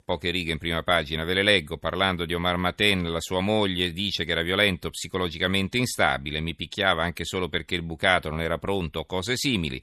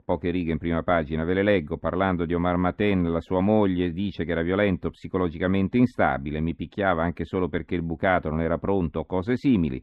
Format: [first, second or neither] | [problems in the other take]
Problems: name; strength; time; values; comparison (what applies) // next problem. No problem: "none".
first | muffled; very; fading above 3 kHz